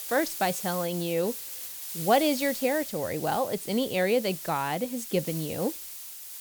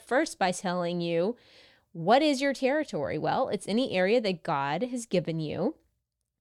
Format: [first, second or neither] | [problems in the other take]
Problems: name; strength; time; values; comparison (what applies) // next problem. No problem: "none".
second | hiss; loud; throughout; 7 dB below the speech